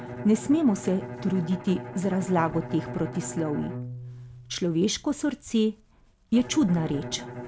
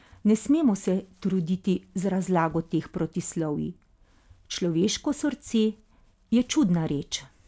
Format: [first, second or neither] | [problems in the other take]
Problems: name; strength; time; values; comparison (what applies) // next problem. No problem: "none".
second | background sound (Bowed string instrument); 12 dB below the speech